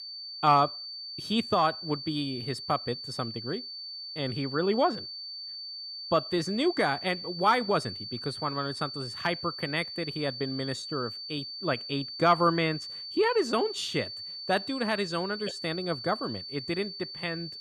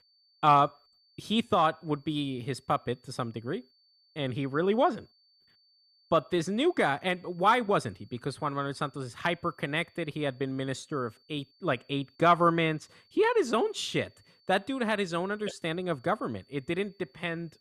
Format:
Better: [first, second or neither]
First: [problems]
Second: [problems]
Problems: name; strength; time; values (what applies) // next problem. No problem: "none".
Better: second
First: high-pitched whine; loud; throughout; 4.5 kHz, 7 dB below the speech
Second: high-pitched whine; faint; throughout; 4.5 kHz, 35 dB below the speech